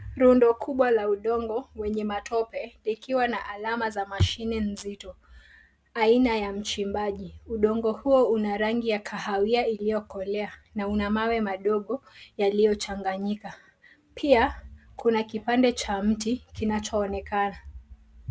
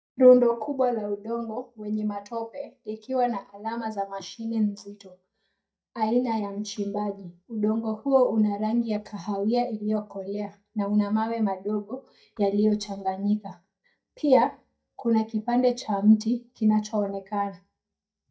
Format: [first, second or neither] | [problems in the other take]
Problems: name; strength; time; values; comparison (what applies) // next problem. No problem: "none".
first | noise reduction (neural mask model DeepFilterNet 3)